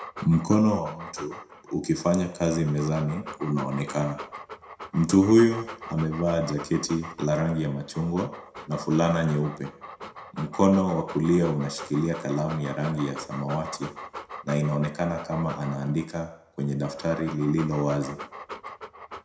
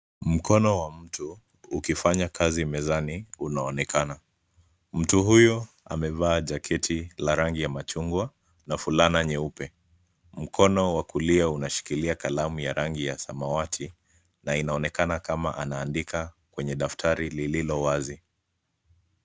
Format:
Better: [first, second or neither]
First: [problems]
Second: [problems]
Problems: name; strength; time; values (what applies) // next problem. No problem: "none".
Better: second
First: background sound (Dog); 15 dB below the speech // room echo; dies away in 0.5 s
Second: none